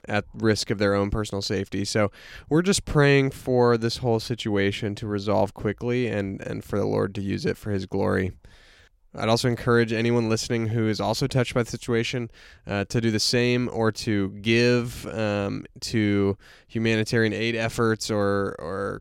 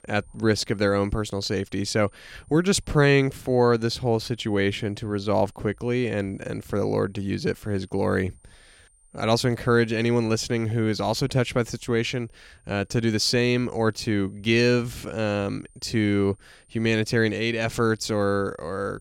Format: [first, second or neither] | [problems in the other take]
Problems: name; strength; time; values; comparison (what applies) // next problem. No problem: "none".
first | high-pitched whine; faint; throughout; 9 kHz, 35 dB below the speech